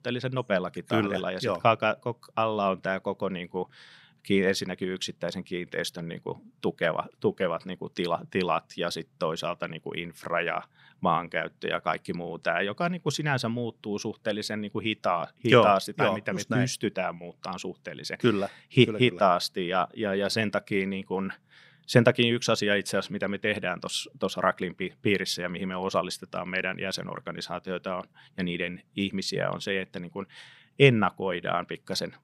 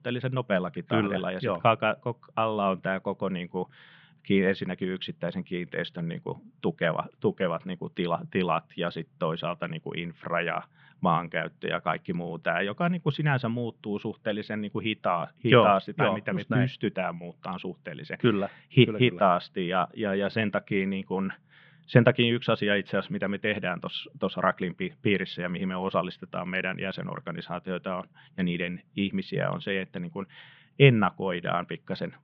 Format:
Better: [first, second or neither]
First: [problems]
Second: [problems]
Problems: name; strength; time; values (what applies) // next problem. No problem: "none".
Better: first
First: none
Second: muffled; very; fading above 3.5 kHz